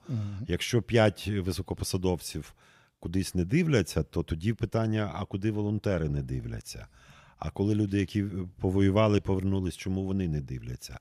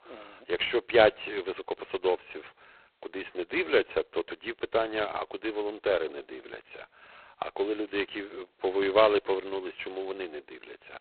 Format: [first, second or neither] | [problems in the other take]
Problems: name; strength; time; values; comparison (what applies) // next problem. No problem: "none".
first | phone-call audio; poor line; nothing above 4 kHz